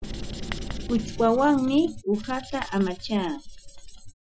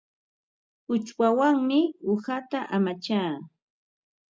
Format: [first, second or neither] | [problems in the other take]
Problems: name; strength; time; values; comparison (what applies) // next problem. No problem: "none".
second | noise reduction (classical method Wiener filter)